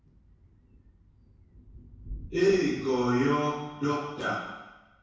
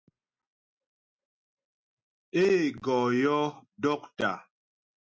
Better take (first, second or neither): second